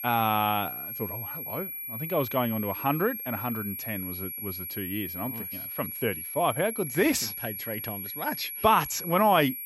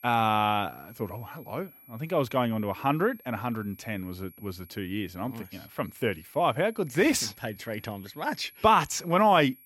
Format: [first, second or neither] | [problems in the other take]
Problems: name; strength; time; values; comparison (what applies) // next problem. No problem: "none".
second | high-pitched whine; loud; throughout; 11.5 kHz, 5 dB below the speech; faint in the second